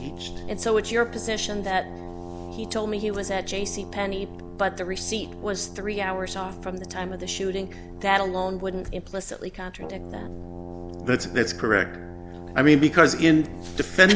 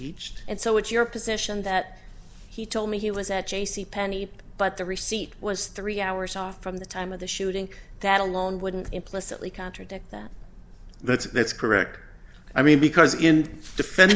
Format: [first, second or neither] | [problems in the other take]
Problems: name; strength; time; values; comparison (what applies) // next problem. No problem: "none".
second | background sound (Brass instrument); 13 dB below the speech